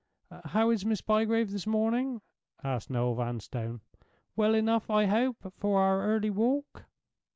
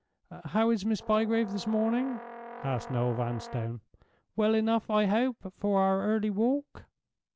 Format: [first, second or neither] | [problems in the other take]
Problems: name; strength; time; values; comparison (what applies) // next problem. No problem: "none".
first | background sound (Brass instrument); 15 dB below the speech